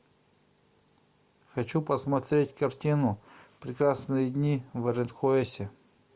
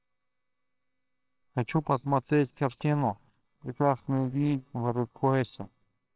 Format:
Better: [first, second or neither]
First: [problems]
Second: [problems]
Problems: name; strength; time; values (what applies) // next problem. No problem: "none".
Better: first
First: none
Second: noise reduction (neural separator model SepFormer WHAMR!)